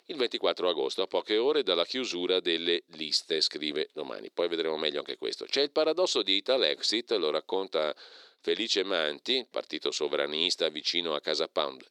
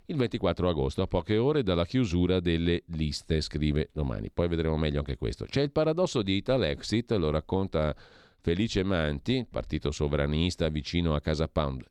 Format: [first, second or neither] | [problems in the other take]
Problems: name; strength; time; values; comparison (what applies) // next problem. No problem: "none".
second | thin; somewhat; fading below 350 Hz